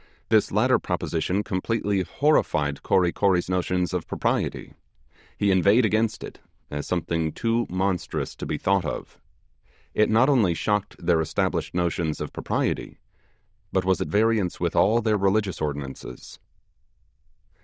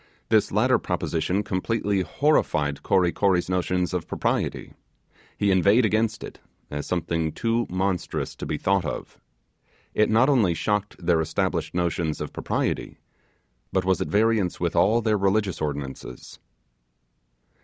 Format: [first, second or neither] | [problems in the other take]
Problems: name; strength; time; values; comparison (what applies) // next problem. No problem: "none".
second | noise reduction (neural diffusion model UNIVERSE++)